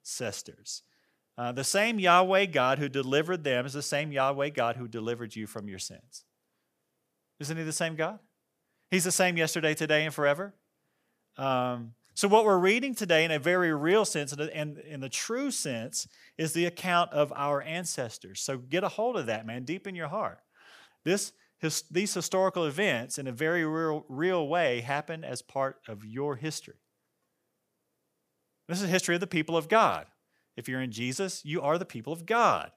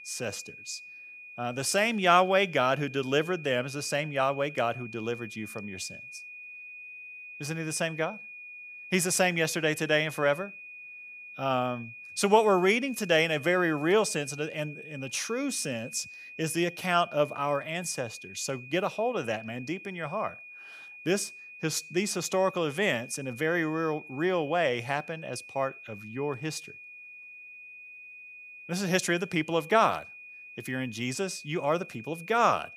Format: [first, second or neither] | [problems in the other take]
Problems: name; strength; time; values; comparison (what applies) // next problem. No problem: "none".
first | high-pitched whine; noticeable; throughout; 2.5 kHz, 15 dB below the speech